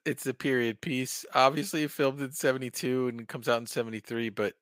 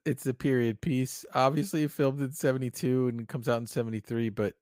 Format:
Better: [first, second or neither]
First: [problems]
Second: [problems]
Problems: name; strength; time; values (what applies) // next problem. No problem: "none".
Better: second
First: thin; very slightly; fading below 800 Hz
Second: none